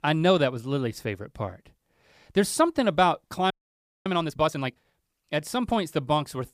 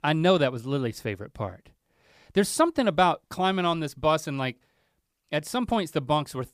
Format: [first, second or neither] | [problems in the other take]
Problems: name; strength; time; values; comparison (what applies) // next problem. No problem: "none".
second | audio freezing; at 3.5 s for 0.5 s